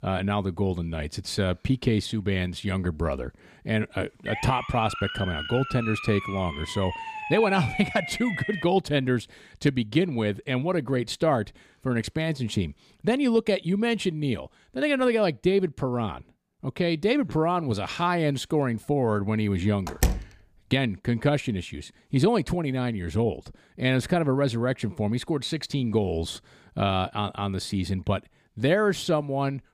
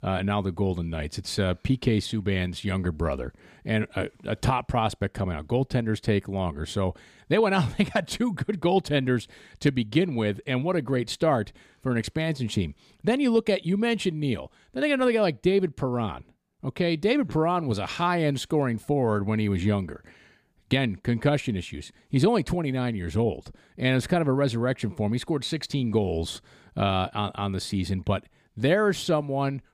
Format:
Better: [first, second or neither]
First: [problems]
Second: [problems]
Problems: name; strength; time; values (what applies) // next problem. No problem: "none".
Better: second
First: siren; noticeable; from 4.5 to 8.5 s; peak 5 dB below the speech // door banging; noticeable; at 20 s; peak 1 dB below the speech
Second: none